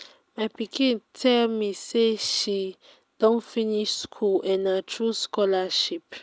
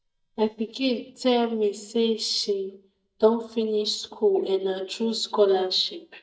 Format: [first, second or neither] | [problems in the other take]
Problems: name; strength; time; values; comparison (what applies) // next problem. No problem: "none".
first | noise reduction (neural mask model DeepFilterNet 3)